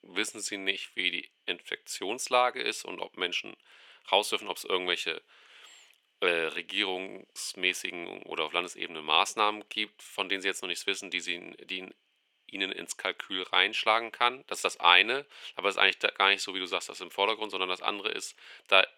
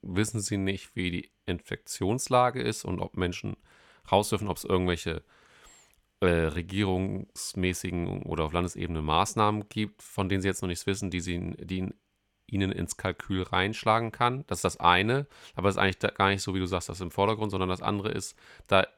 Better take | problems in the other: second | thin; very; fading below 350 Hz

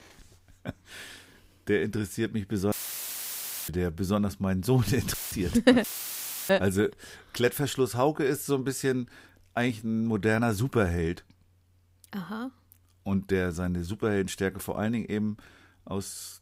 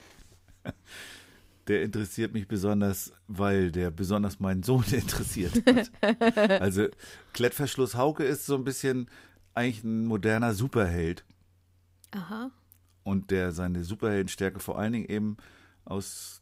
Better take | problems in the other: second | audio cutting out; filled with static; at 2.5 s for 1 s, at 5 s and at 6 s for 0.5 s

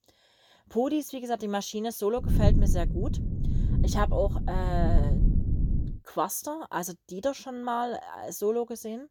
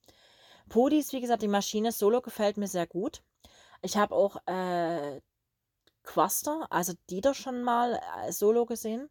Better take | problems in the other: second | low rumble; loud; from 2.5 to 6 s; 9 dB below the speech

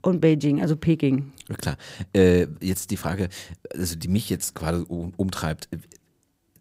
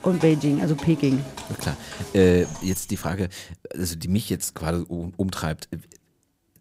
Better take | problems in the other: first | animal sounds; noticeable; until 3 s; 15 dB below the speech

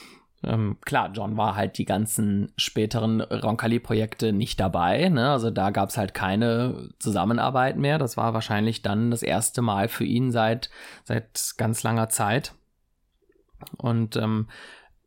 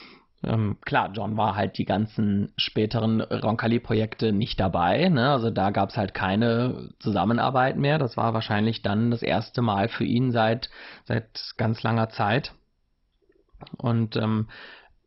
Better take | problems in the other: first | garbled, watery; badly; nothing above 5.5 kHz

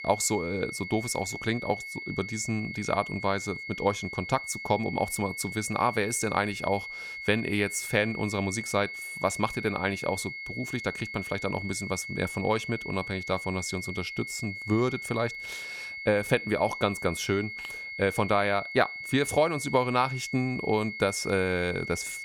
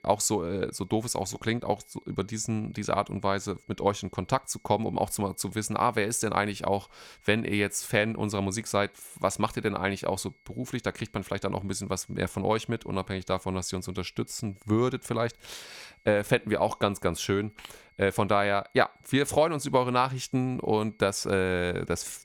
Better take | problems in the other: second | high-pitched whine; loud; throughout; 2 kHz, 7 dB below the speech; faint in the second

